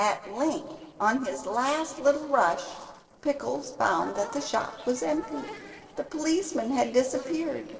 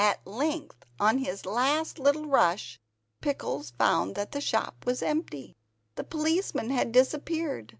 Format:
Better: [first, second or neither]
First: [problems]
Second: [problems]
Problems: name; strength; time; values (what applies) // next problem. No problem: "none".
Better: second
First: noise reduction (neural separator model SepFormer DNS4)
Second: none